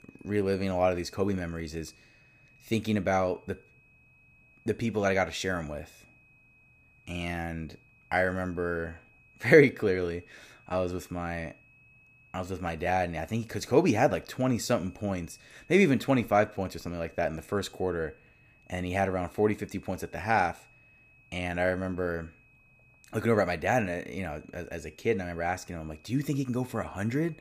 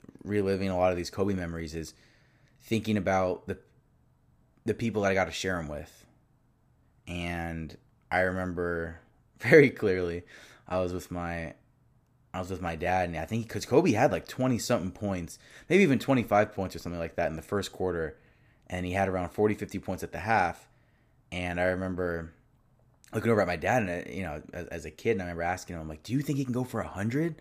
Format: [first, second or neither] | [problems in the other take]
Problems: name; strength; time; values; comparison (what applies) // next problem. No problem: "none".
second | high-pitched whine; faint; throughout; 2.5 kHz, 30 dB below the speech